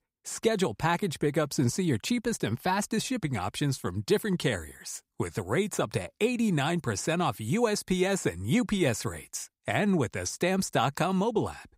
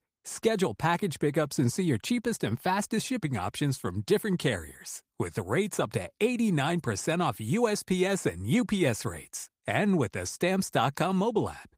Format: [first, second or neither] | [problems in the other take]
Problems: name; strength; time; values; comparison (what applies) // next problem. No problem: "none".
first | garbled, watery; slightly; nothing above 15.5 kHz